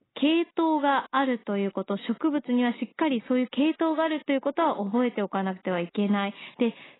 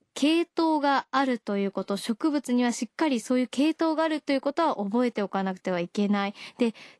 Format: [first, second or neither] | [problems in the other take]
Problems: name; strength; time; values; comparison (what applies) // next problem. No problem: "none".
second | garbled, watery; badly; nothing above 4 kHz; slightly in the second